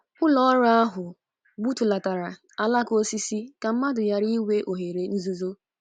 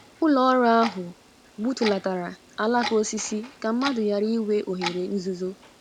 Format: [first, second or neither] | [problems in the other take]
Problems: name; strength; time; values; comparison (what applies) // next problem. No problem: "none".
first | background sound (Clock); 14 dB below the speech